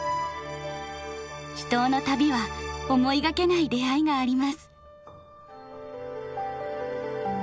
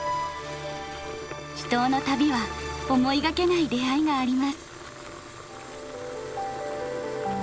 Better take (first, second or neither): first